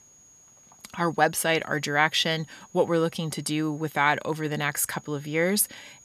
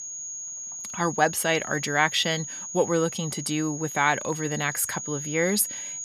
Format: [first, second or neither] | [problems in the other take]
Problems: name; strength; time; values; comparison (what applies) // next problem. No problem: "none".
first | high-pitched whine; loud; throughout; 6.5 kHz, 8 dB below the speech; faint in the first